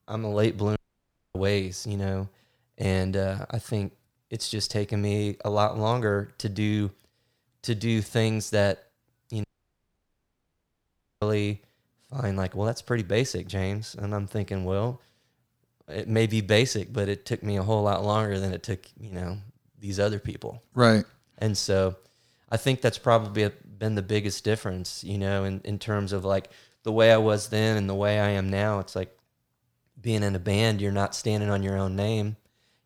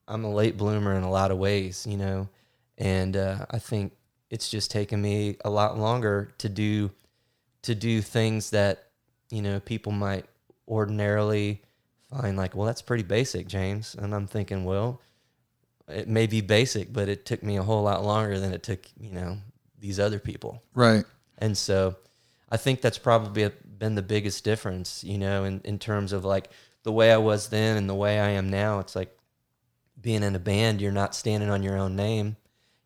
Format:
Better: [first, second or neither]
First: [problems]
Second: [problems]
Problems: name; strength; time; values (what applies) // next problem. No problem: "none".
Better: second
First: audio cutting out; at 1 s for 0.5 s and at 9.5 s for 2 s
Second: none